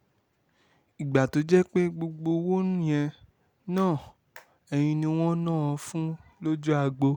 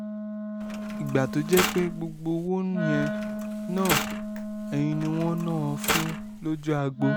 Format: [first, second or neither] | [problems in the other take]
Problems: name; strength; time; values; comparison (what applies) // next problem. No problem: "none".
first | background sound (Wind instrument, woodwind instrument + Mechanisms); 3 dB below the speech